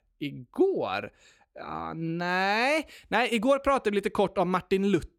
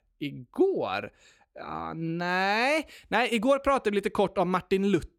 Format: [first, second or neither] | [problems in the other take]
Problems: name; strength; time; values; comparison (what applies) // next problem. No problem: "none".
neither | none